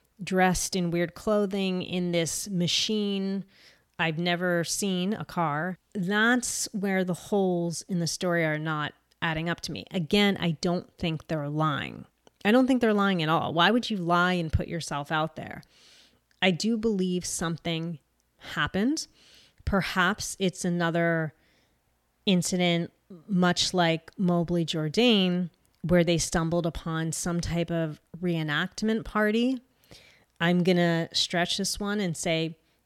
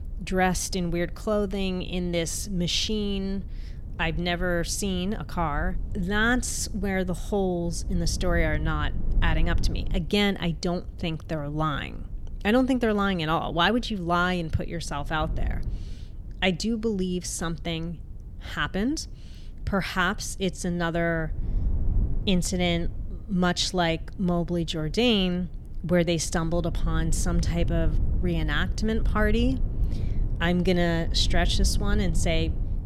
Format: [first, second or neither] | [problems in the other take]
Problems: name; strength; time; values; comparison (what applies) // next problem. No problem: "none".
first | low rumble; faint; throughout; 20 dB below the speech